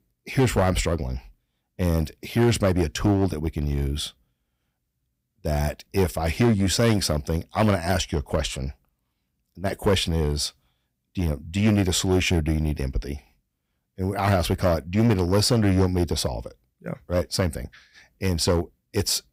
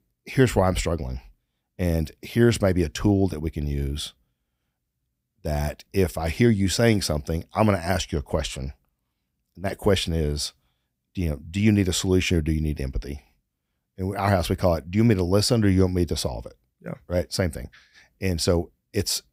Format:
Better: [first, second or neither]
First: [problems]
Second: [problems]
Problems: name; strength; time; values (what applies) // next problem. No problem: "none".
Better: second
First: distortion; slight; 4% of the sound clipped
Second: none